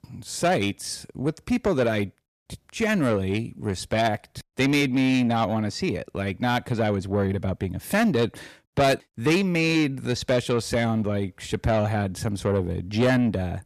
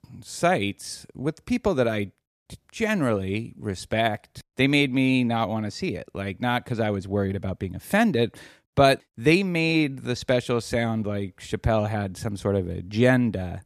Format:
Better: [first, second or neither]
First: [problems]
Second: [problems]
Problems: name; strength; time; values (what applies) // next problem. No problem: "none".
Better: second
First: distortion; slight; 10 dB below the speech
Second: none